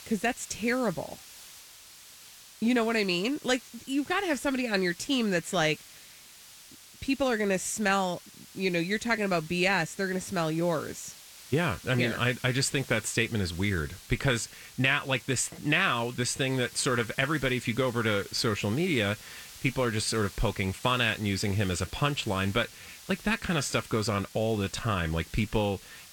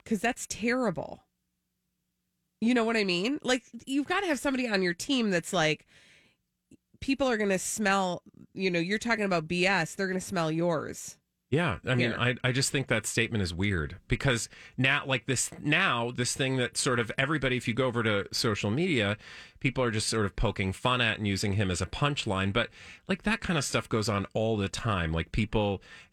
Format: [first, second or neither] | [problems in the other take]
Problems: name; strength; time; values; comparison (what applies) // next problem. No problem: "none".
second | hiss; noticeable; throughout; 20 dB below the speech